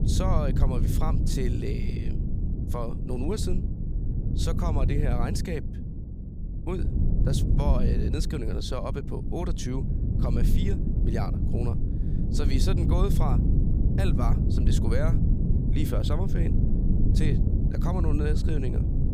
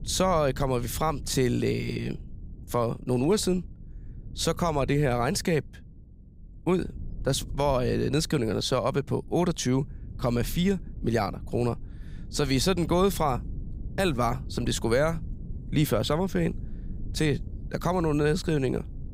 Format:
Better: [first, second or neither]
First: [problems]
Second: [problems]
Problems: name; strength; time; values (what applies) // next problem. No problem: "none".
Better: second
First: low rumble; loud; throughout; 3 dB below the speech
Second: low rumble; faint; throughout; 25 dB below the speech